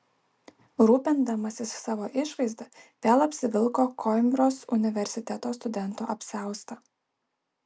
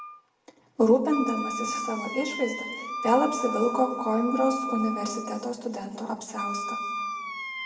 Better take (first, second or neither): first